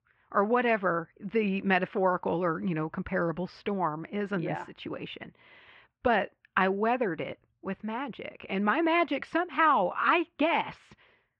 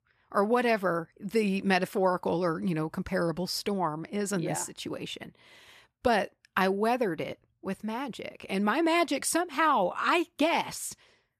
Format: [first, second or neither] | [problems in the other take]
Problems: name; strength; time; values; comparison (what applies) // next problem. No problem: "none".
second | muffled; very; fading above 3 kHz